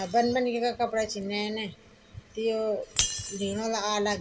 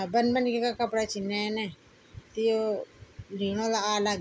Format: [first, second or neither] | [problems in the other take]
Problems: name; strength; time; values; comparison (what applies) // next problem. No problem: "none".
second | background sound (Shatter); 10 dB below the speech // room echo; dies away in 1.6 s